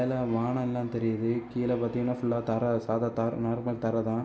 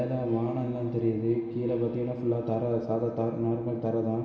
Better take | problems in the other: first | room echo; dies away in 1.8 s

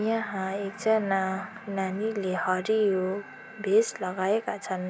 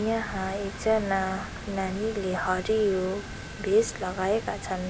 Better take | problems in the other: first | background sound (Water); 11 dB below the speech

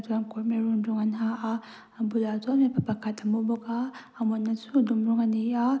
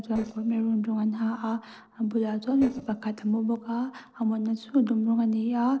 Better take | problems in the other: first | noise reduction (neural separator model SepFormer DNS4)

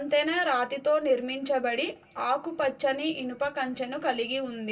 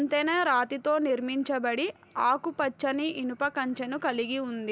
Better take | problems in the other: second | room echo; dies away in 0.2 s

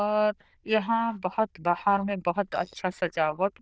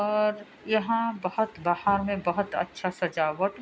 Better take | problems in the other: second | noise reduction (neural diffusion model UNIVERSE++)

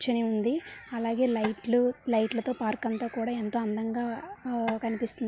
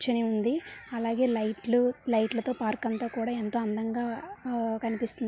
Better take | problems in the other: second | background sound (Tap / Wood); 11 dB below the speech

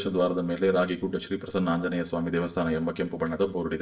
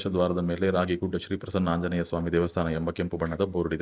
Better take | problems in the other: second | room echo; dies away in 0.4 s

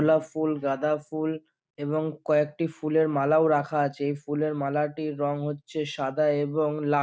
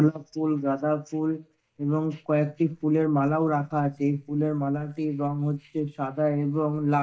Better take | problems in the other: first | noise reduction (neural mask model DeepFilterNet 3)

